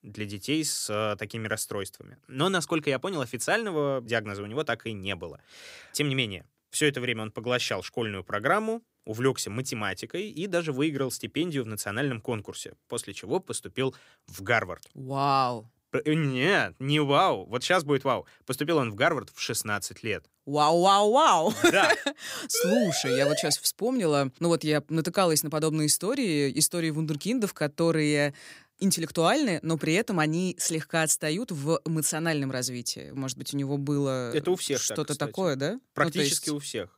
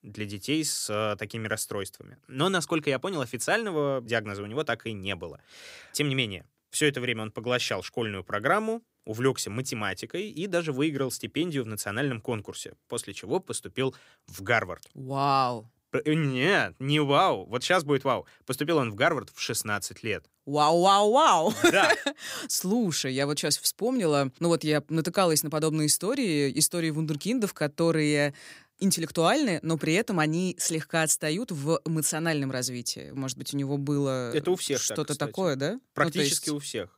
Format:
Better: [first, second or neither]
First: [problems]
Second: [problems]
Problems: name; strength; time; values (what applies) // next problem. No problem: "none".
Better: second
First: siren; noticeable; at 23 s; peak 1 dB below the speech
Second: none